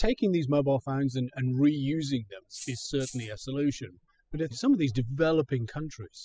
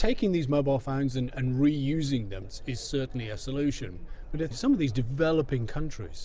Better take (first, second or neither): second